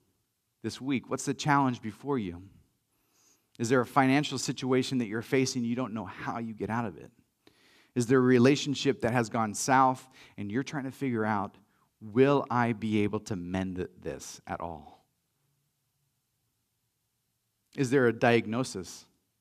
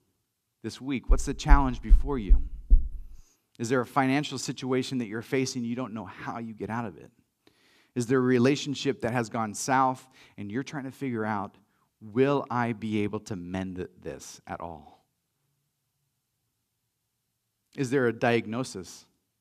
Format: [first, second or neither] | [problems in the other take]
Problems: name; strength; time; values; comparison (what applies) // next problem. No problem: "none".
first | door banging; loud; from 1 to 3 s; peak 2 dB above the speech